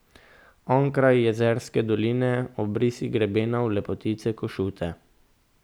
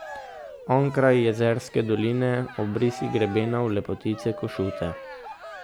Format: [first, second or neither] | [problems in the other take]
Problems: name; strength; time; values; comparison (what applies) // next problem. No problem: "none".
first | background sound (Cheering); 15 dB below the speech